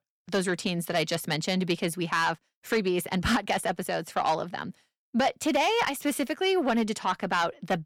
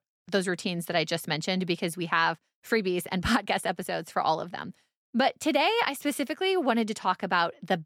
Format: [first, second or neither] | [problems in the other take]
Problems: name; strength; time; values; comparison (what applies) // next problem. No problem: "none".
second | distortion; slight; 10 dB below the speech